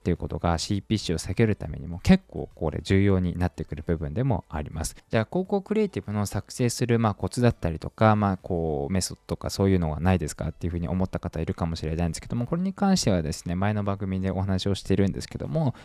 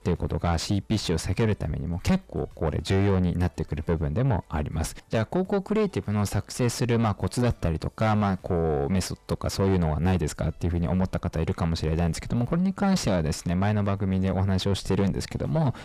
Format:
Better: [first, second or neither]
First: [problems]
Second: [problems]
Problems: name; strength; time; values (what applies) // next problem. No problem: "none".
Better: first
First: none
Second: distortion; heavy; 7 dB below the speech